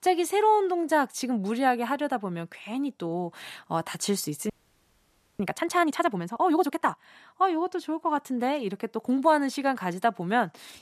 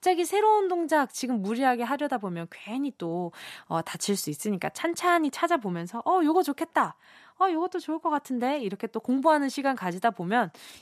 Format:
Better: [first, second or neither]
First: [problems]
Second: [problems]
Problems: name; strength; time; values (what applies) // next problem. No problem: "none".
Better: second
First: audio freezing; at 4.5 s for 1 s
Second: none